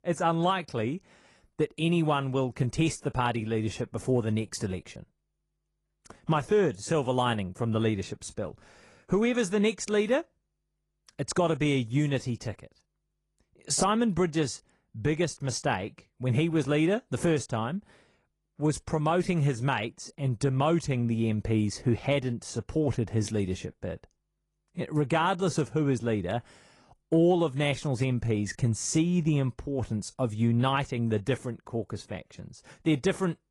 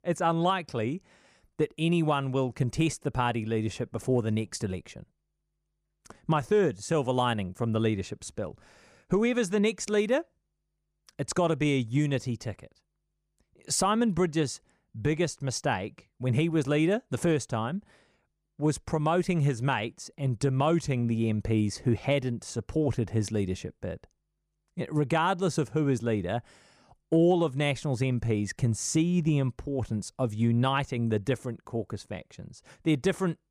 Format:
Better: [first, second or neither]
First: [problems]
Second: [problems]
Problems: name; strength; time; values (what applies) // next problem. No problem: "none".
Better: second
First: garbled, watery; slightly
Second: none